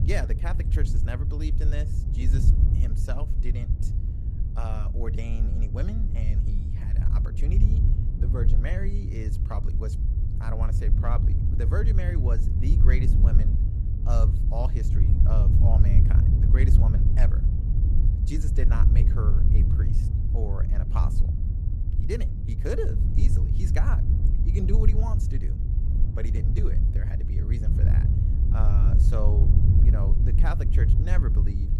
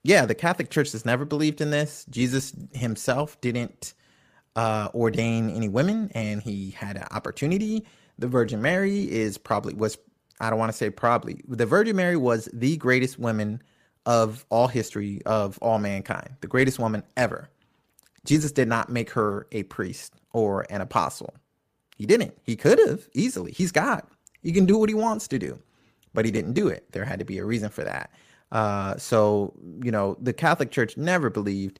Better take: second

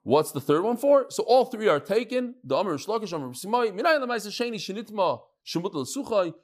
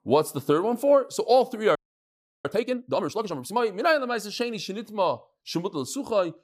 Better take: first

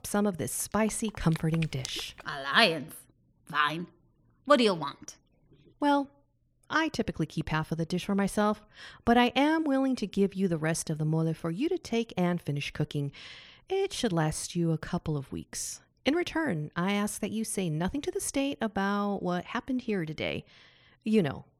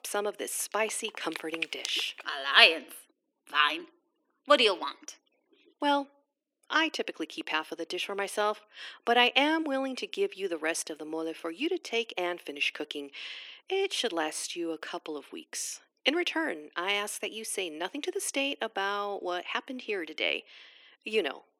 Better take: first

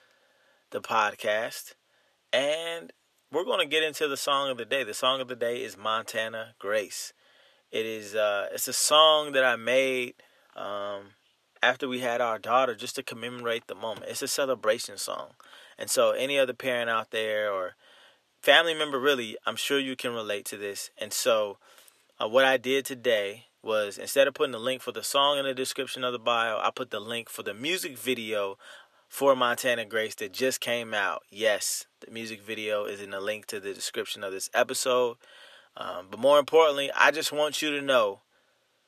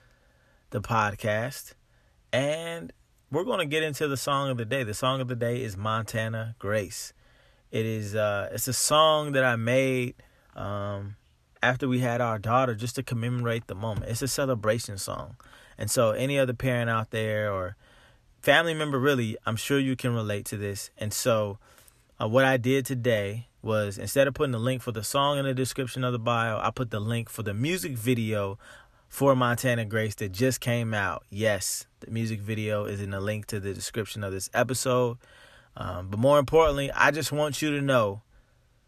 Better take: second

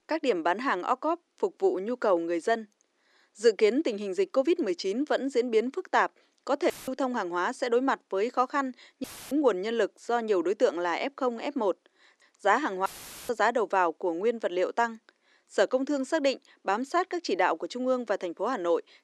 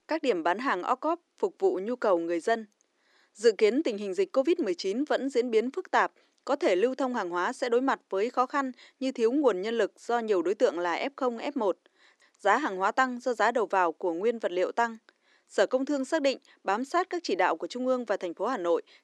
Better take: second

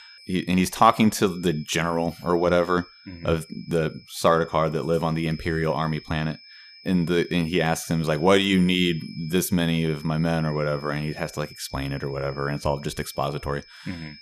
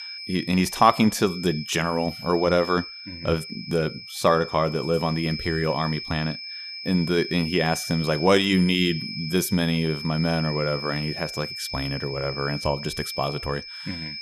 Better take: first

